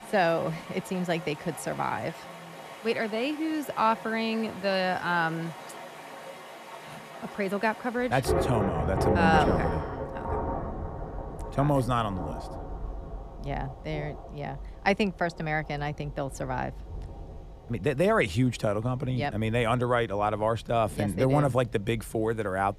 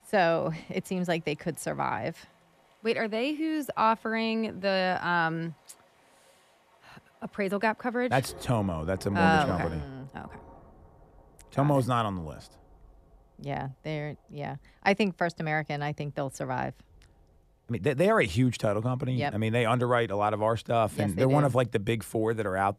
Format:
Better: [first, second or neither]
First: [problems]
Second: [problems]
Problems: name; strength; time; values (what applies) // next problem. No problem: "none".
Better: second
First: rain or running water; loud; throughout; 8 dB below the speech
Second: rain or running water; faint; throughout; 25 dB below the speech